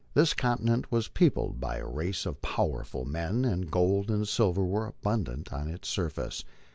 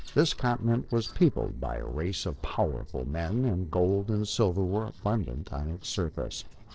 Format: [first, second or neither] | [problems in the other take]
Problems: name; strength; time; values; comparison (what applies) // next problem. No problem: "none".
first | noise reduction (neural separator model SepFormer DNS4)